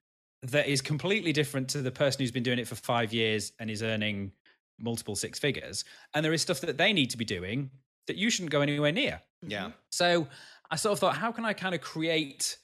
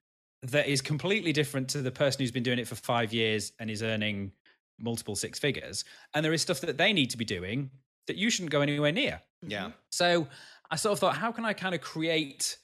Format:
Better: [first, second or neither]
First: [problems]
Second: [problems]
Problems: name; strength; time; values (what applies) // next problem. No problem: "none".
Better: neither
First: none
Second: none